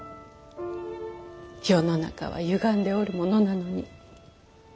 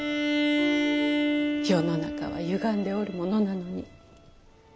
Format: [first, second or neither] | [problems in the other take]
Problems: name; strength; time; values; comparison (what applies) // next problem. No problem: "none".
first | background sound (Bowed string instrument); 2 dB above the speech